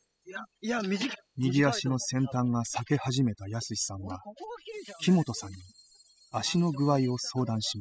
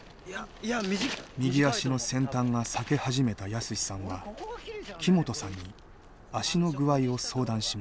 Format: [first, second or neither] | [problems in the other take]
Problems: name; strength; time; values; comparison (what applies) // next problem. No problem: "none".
second | noise reduction (classical method spectral subtraction)